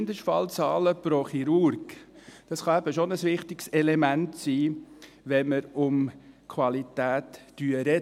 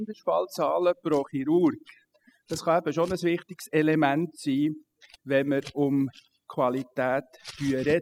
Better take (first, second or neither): first